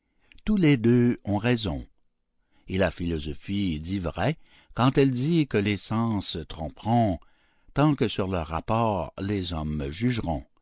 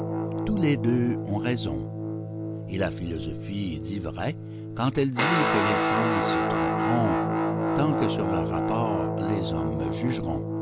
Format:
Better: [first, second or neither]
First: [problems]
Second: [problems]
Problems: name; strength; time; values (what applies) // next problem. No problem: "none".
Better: first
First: none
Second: background sound (Guitar); 2 dB above the speech